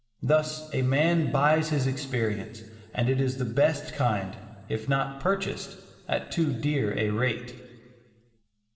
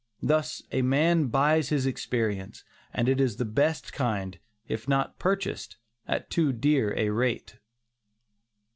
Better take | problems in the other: second | room echo; dies away in 1.7 s

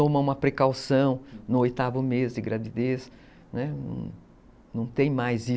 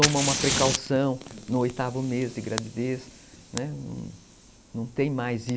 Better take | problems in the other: first | background sound (Fire); 4 dB below the speech

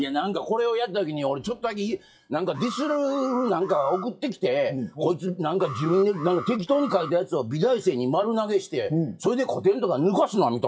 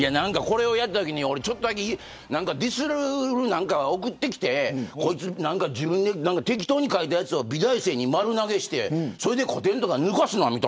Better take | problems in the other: second | noise reduction (classical method WPE with log-MMSE)

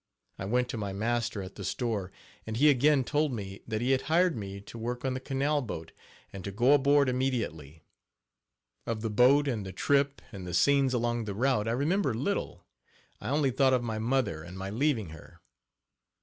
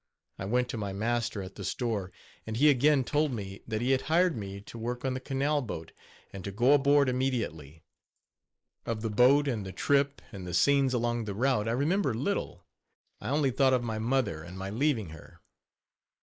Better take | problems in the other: first | noise reduction (neural mask model Resemble Enhance denoiser)

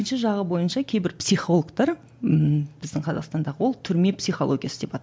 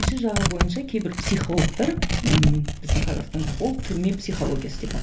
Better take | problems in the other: first | background sound (Tearing); as loud as the speech // room echo; dies away in 0.3 s

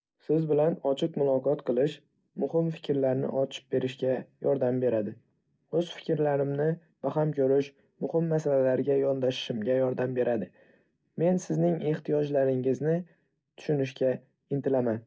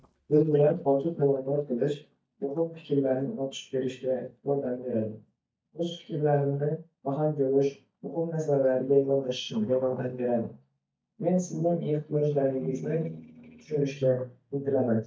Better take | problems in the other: first | noise reduction (neural mask model DeepFilterNet 3)

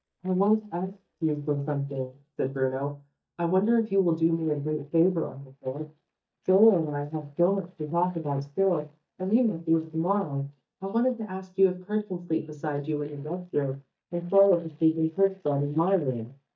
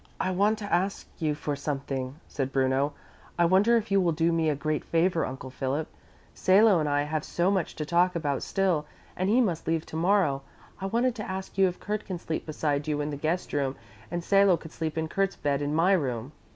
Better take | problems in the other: second | noise reduction (neural mask model DeepFilterNet 3)

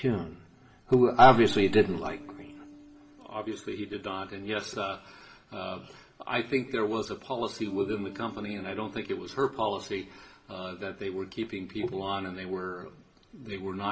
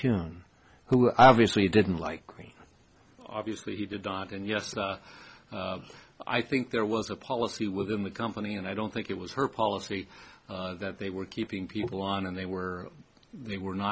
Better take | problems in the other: second | background sound (Bass guitar); 20 dB below the speech // room echo; dies away in 1 s

